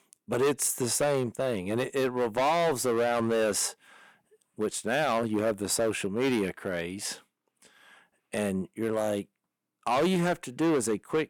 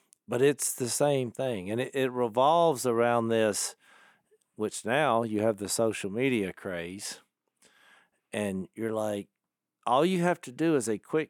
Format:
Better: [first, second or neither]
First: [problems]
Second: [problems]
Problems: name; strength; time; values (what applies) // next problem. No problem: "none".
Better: second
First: distortion; heavy; 9% of the sound clipped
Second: none